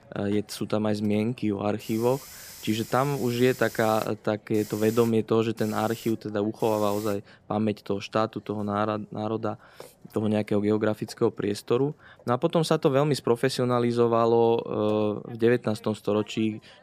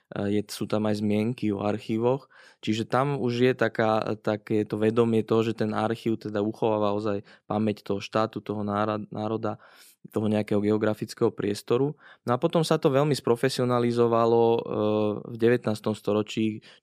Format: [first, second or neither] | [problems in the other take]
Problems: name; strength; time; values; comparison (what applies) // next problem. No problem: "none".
second | hiss; noticeable; throughout; 20 dB below the speech